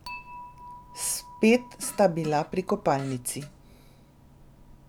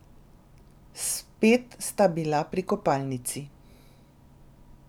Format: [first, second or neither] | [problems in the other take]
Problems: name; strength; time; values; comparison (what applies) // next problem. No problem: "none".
second | background sound (Fart + Dishes, pots, and pans / Chink, clink); 18 dB below the speech